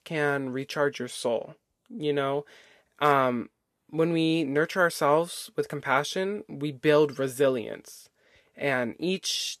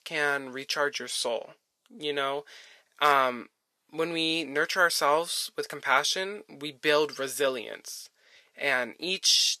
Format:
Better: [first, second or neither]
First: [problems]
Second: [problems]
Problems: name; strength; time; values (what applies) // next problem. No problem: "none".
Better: first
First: none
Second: thin; somewhat; fading below 1 kHz